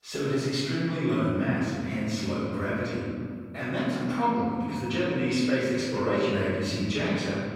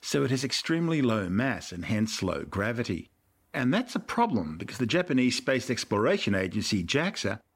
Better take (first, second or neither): second